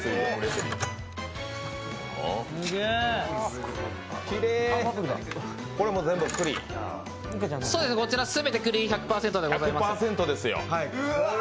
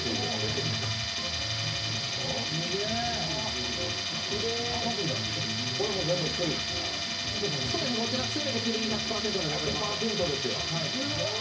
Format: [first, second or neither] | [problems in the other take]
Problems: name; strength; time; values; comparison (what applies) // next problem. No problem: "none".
first | background sound (Tools); 1 dB above the speech // room echo; dies away in 0.4 s